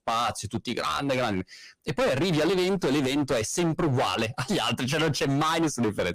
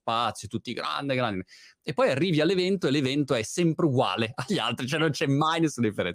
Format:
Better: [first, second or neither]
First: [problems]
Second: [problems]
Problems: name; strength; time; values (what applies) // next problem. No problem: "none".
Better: second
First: distortion; heavy; 21% of the sound clipped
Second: none